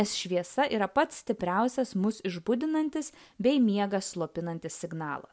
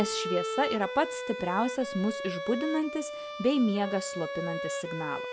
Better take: first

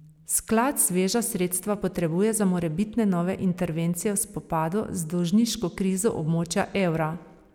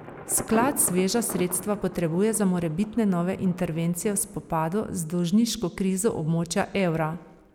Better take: first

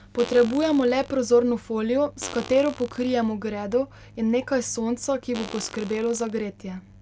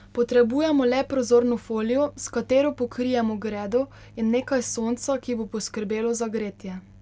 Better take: second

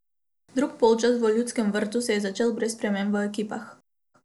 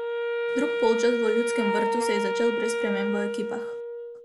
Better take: first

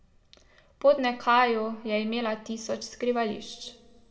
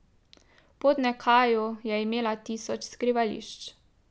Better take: second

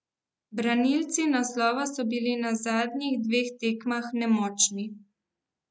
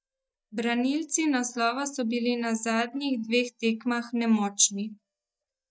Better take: first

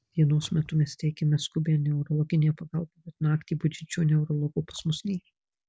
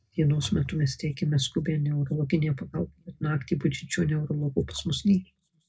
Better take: first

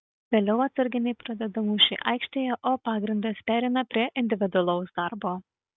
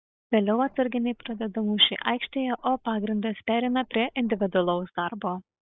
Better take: first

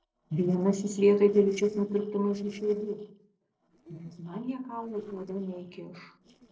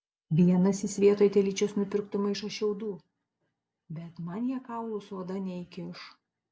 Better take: second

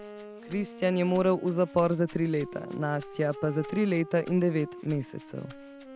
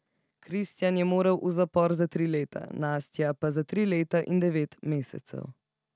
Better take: second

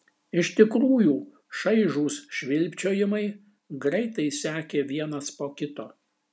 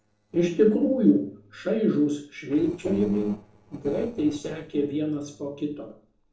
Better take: first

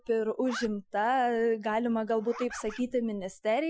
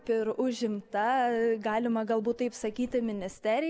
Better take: second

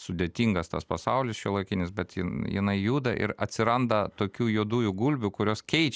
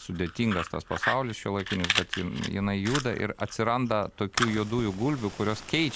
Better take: first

